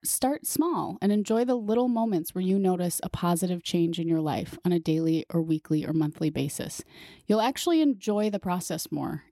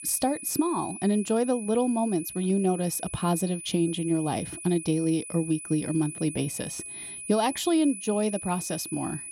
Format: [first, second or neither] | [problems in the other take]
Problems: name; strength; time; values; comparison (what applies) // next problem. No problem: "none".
first | high-pitched whine; loud; throughout; 10 kHz, 10 dB below the speech